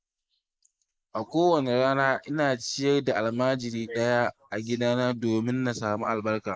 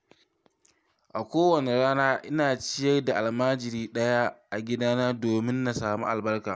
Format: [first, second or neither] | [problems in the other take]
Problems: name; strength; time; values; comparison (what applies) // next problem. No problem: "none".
second | noise reduction (neural mask model Resemble Enhance denoiser)